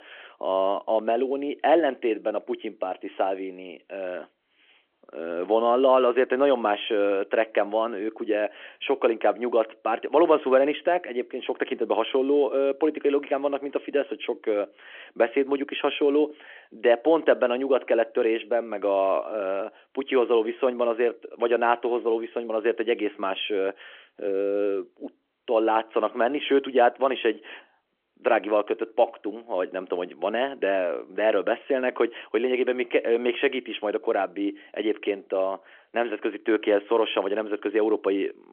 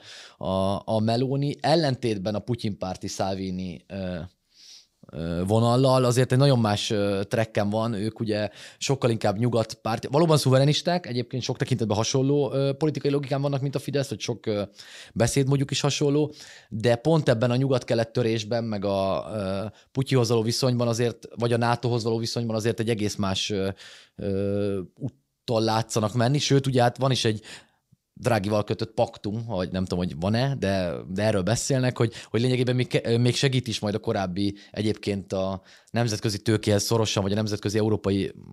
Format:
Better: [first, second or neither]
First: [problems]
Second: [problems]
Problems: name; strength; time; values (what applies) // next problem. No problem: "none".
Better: second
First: phone-call audio; nothing above 3.5 kHz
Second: none